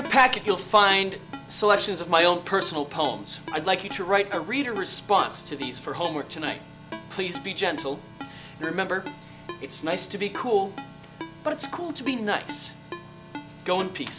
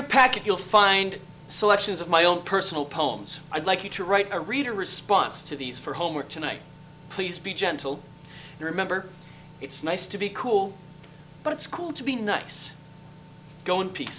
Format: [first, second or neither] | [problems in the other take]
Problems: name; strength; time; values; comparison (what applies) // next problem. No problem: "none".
second | background sound (Ringtone); 15 dB below the speech